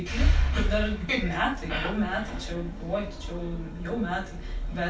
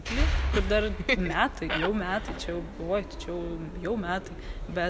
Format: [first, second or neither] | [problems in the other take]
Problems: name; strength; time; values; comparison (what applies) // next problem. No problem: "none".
second | room echo; dies away in 0.3 s